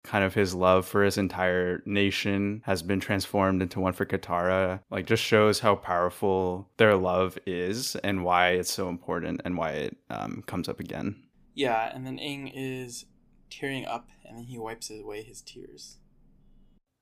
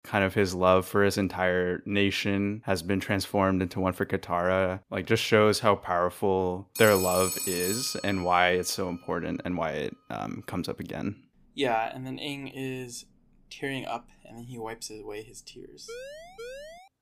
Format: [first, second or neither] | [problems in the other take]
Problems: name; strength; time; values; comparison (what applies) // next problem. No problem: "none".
first | phone ringing; noticeable; from 7 to 8.5 s; peak 2 dB below the speech // siren; faint; at 16 s; peak 15 dB below the speech